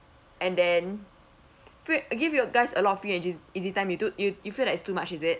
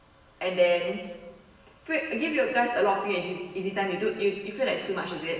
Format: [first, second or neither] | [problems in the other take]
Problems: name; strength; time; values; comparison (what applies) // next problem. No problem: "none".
first | room echo; dies away in 1.2 s